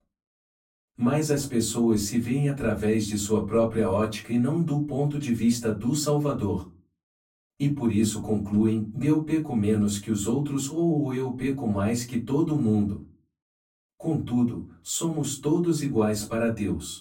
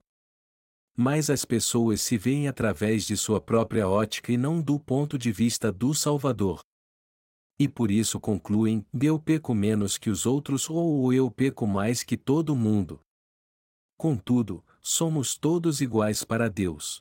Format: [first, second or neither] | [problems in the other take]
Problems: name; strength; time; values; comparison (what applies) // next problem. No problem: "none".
second | off-mic speech; far // room echo; very slight; dies away in 0.3 s